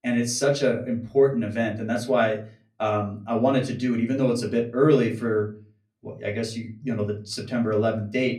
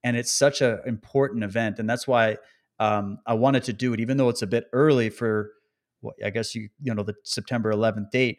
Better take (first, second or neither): second